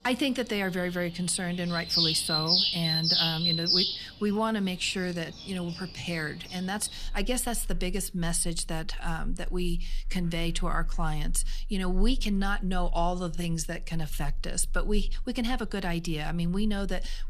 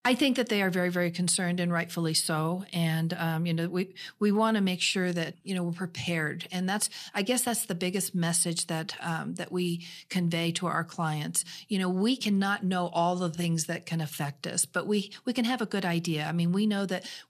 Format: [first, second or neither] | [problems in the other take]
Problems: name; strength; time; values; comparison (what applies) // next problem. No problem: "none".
second | animal sounds; very loud; throughout; 1 dB above the speech